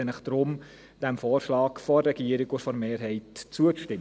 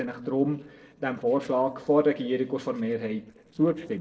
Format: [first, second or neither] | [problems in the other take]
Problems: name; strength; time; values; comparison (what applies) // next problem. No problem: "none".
first | noise reduction (neural separator model SepFormer DNS4)